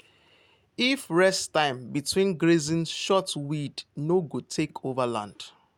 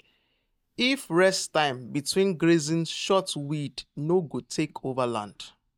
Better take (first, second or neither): first